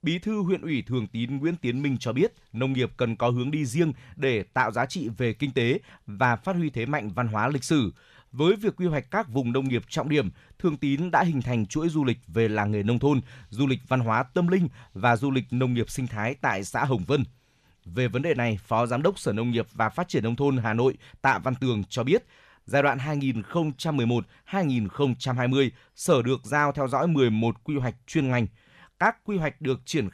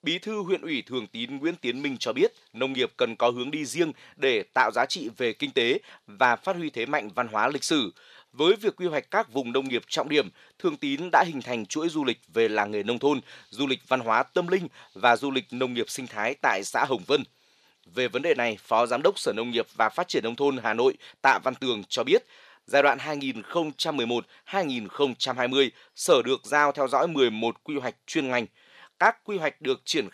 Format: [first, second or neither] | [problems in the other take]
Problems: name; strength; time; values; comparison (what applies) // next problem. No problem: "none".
first | thin; somewhat; fading below 400 Hz